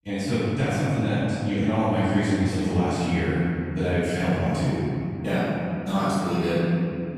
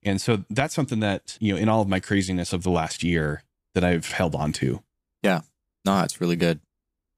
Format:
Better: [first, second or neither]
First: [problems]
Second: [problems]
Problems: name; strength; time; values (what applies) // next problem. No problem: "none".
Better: second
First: off-mic speech; far // room echo; strong; dies away in 3 s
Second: none